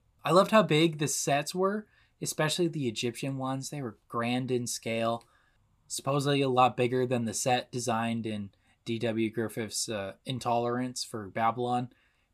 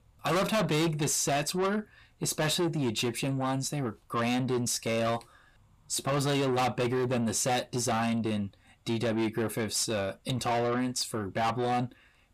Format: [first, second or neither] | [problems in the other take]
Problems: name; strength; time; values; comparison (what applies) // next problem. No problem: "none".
first | distortion; heavy; 6 dB below the speech